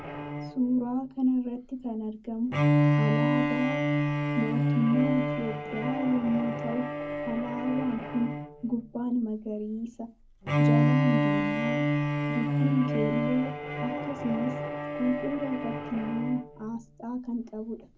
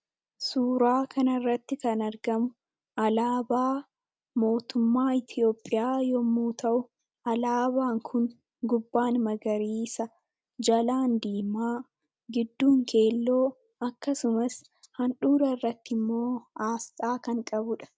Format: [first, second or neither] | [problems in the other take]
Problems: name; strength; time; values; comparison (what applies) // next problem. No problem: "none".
second | background sound (Bowed string instrument); 1 dB above the speech // room echo; dies away in 0.3 s